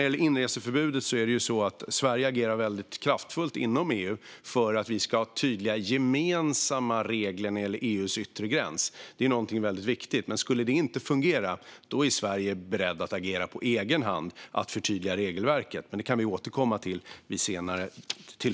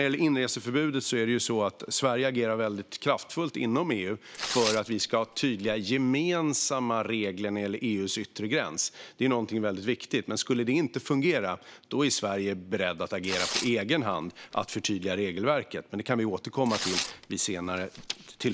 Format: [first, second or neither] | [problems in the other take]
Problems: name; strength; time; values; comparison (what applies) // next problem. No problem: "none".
first | background sound (Tearing); 9 dB below the speech